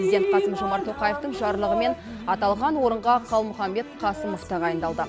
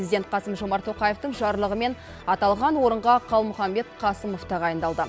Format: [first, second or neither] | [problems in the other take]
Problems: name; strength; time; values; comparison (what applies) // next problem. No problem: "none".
second | background sound (Drip); 3 dB below the speech